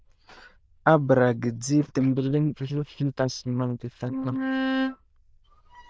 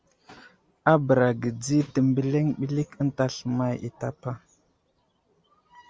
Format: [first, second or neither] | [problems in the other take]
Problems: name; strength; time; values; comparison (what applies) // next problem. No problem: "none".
second | noise reduction (neural diffusion model UNIVERSE++)